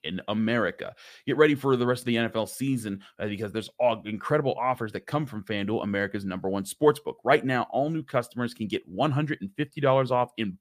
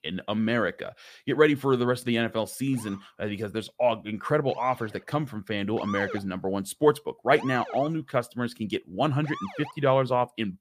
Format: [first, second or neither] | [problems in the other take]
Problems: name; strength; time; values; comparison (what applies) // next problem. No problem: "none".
first | siren; noticeable; from 2.5 to 9.5 s; peak 9 dB below the speech